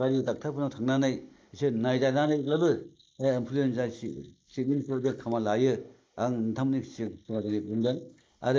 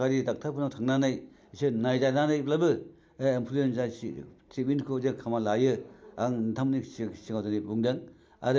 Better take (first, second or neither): second